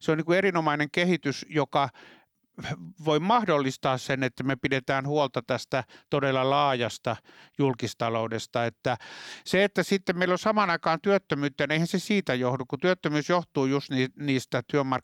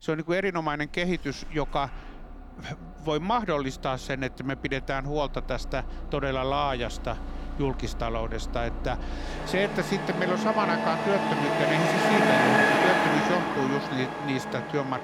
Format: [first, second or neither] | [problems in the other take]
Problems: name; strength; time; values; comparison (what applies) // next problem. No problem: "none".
first | traffic noise; very loud; throughout; 3 dB above the speech